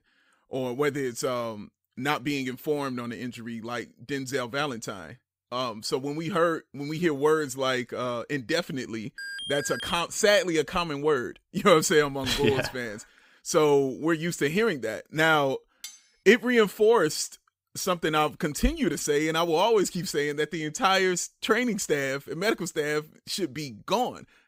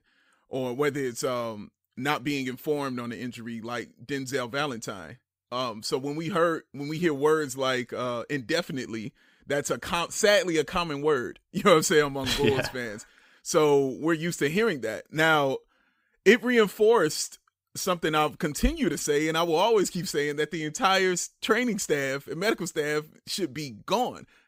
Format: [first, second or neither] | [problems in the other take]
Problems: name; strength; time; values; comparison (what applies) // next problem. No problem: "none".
second | alarm; noticeable; at 9 s; peak 7 dB below the speech // clattering dishes; faint; at 16 s; peak 15 dB below the speech